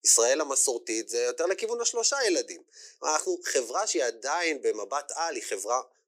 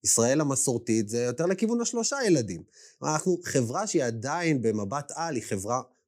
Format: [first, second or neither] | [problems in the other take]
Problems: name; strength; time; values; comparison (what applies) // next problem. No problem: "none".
second | thin; very; fading below 400 Hz